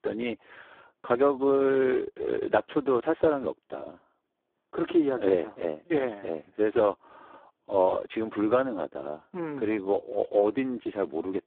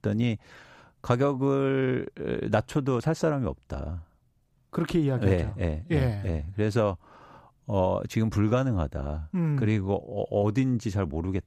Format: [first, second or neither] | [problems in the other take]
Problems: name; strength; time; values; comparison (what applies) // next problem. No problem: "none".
second | phone-call audio; poor line; nothing above 3.5 kHz